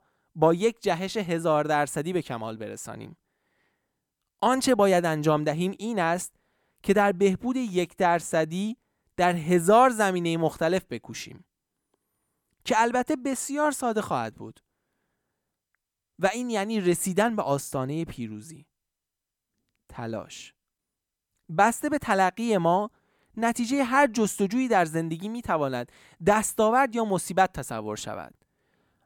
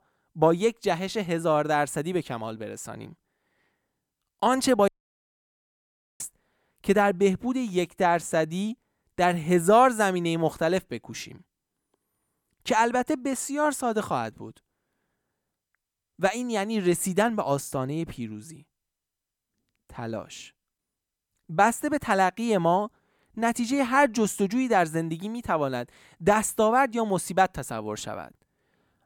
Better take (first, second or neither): first